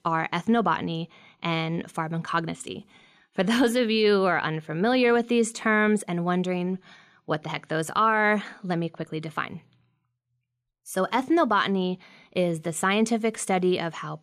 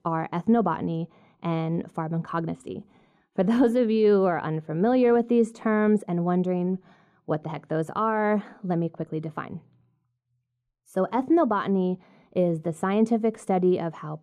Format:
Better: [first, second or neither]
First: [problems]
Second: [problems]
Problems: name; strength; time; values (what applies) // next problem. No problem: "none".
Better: first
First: none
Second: muffled; slightly; fading above 1.5 kHz